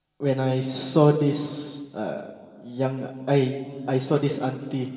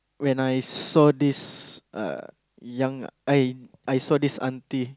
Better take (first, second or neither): second